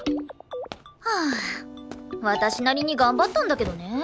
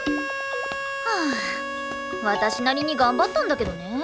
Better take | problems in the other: first | background sound (Harmonica); 6 dB below the speech

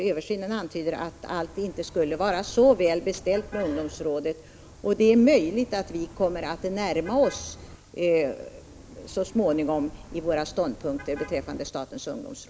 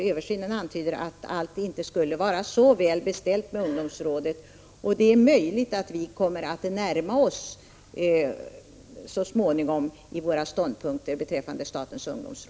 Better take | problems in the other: second | background sound (Car passing by); 19 dB below the speech

